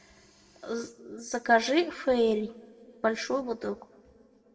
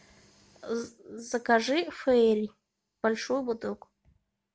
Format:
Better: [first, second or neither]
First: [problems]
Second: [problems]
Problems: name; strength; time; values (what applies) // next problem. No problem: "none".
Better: second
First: room echo; dies away in 1.1 s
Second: none